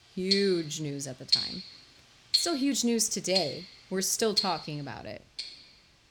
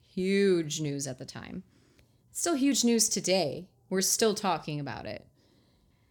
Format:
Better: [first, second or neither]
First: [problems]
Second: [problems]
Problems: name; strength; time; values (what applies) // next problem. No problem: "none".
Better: second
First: household noises; loud; throughout; as loud as the speech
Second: none